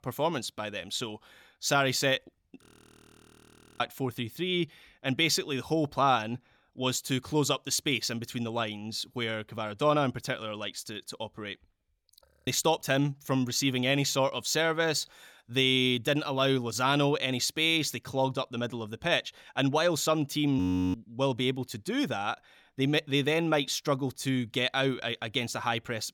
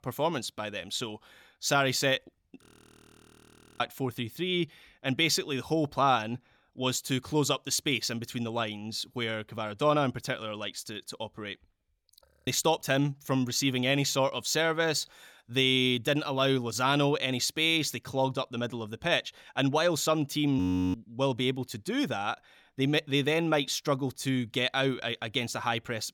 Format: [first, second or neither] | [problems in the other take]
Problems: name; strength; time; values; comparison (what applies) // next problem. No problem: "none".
neither | audio freezing; at 2.5 s for 1 s, at 12 s and at 21 s; the same in both